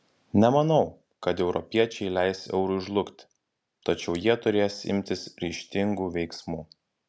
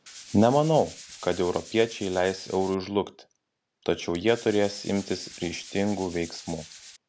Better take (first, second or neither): first